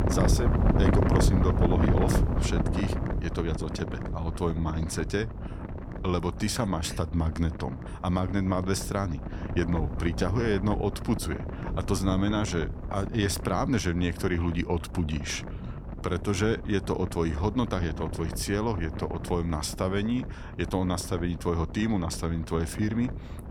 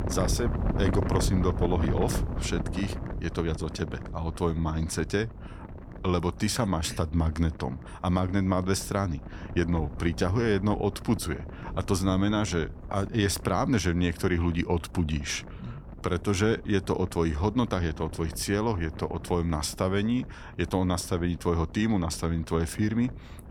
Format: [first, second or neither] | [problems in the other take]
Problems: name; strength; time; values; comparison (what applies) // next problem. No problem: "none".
second | wind noise on the microphone; heavy; 6 dB below the speech; occasional gusts in the second